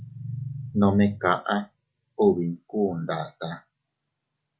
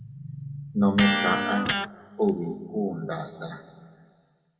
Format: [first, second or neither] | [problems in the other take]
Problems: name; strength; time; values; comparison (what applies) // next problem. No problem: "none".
first | background sound (Electric guitar); 3 dB below the speech // room echo; dies away in 1.9 s